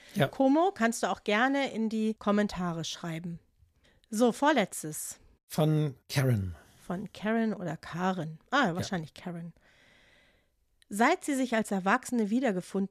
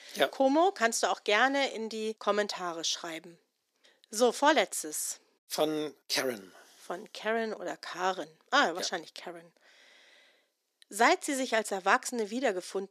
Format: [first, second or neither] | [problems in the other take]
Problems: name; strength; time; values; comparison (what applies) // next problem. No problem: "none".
first | thin; somewhat; fading below 300 Hz